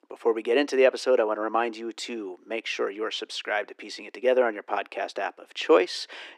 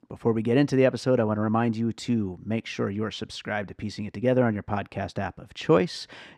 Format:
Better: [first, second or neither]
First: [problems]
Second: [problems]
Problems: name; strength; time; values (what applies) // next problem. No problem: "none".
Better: second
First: thin; very; fading below 350 Hz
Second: none